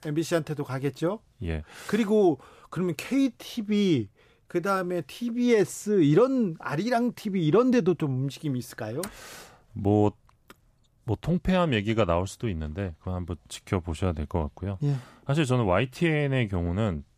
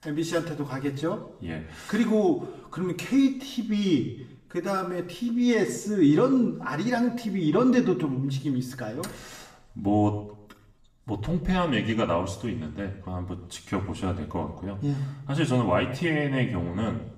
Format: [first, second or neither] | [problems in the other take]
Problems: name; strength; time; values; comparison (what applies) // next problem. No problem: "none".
first | room echo; slight; dies away in 0.6 s // off-mic speech; somewhat distant